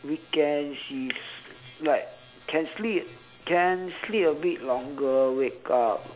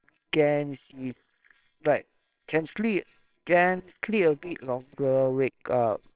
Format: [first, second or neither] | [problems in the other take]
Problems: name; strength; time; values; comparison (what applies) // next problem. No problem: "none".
first | noise reduction (neural separator model SepFormer WHAMR!)